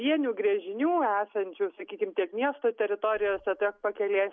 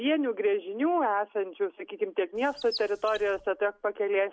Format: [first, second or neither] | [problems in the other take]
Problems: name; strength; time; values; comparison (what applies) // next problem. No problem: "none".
first | background sound (Chirp, tweet); 14 dB below the speech